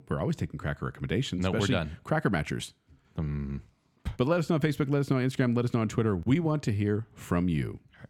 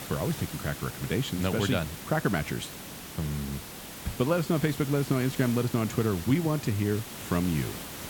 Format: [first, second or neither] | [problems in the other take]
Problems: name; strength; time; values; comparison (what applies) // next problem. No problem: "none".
first | hiss; noticeable; throughout; 10 dB below the speech